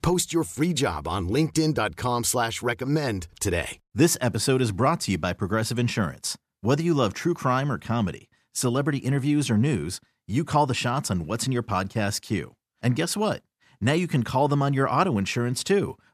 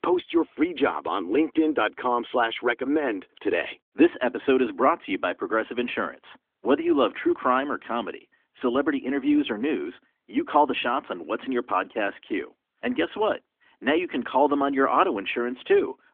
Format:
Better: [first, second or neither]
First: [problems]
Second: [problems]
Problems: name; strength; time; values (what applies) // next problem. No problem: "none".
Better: first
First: none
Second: phone-call audio; nothing above 3.5 kHz